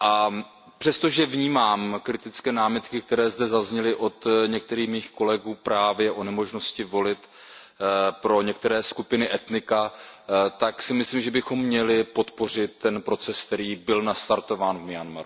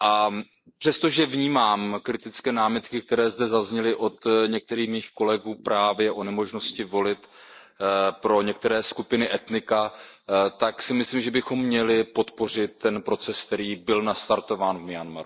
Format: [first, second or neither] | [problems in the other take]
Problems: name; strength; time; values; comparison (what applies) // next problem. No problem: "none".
first | noise reduction (neural mask model Resemble Enhance denoiser)